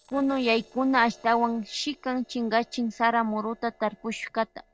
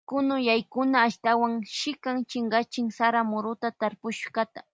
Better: second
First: noise reduction (neural separator model SepFormer DNS4)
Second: none

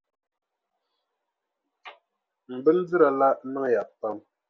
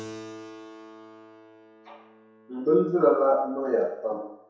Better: first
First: none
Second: background sound (Keyboard (musical)); 19 dB below the speech // room echo; dies away in 0.7 s

